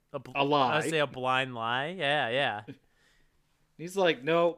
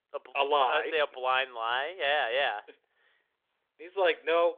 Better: first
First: none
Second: phone-call audio; nothing above 3.5 kHz

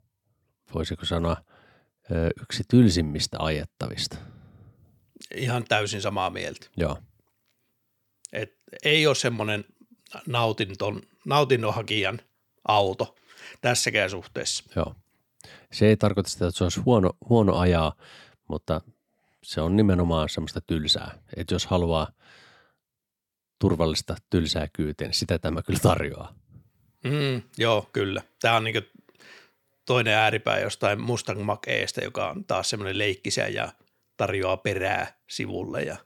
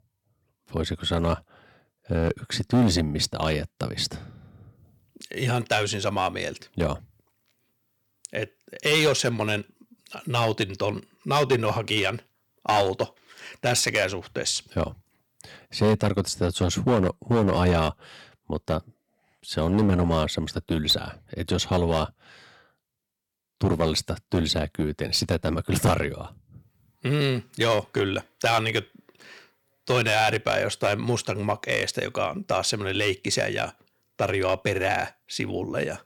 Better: first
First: none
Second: distortion; slight; 3% of the sound clipped

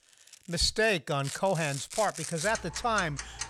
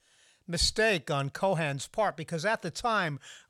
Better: second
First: household noises; loud; throughout; 10 dB below the speech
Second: none

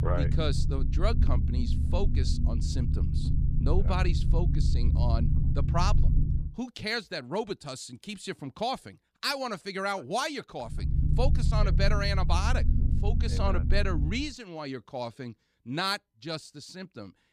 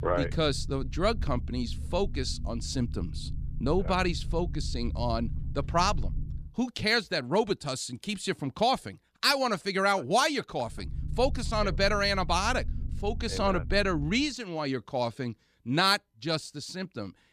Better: second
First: low rumble; loud; until 6.5 s and from 11 to 14 s; 9 dB below the speech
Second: low rumble; faint; until 6.5 s and from 11 to 14 s; 25 dB below the speech

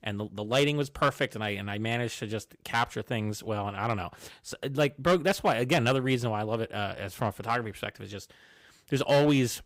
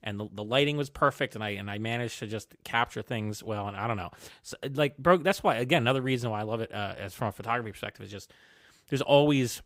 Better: second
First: distortion; slight; 2% of the sound clipped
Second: none

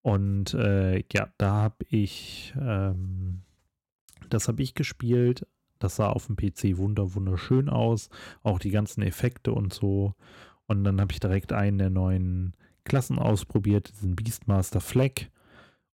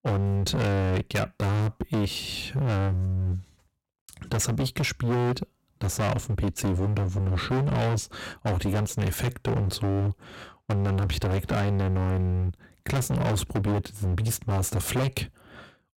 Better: first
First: none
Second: distortion; heavy; 30% of the sound clipped

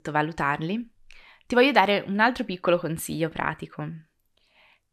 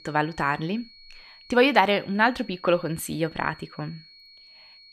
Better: first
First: none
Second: high-pitched whine; faint; throughout; 4.5 kHz, 25 dB below the speech

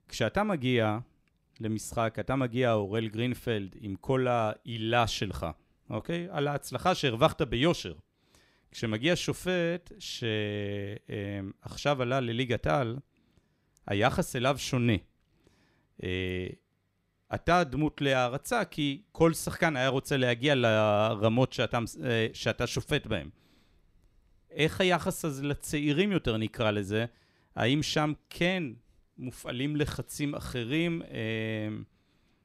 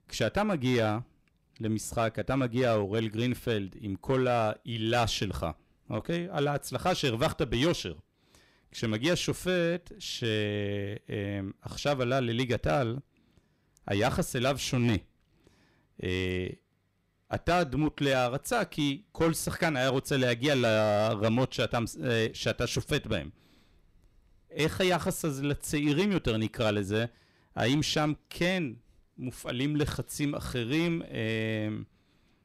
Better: first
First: none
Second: distortion; slight; 5% of the sound clipped

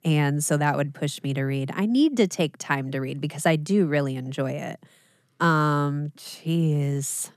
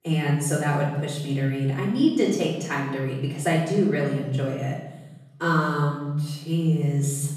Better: first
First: none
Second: off-mic speech; far // room echo; noticeable; dies away in 1 s

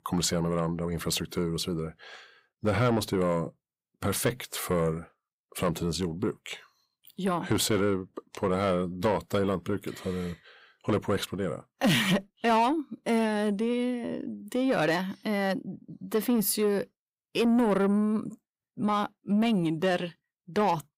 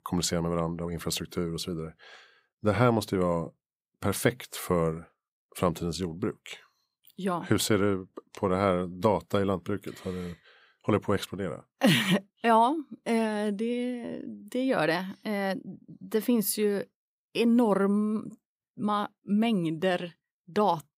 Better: second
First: distortion; slight; 10 dB below the speech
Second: none

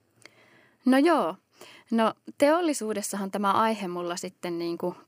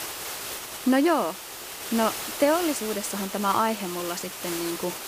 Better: first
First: none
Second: hiss; loud; throughout; 7 dB below the speech

